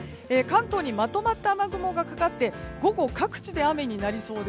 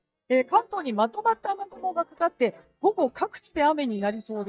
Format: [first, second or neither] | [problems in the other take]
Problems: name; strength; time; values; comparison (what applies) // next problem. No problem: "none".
first | noise reduction (neural mask model DeepFilterNet 3)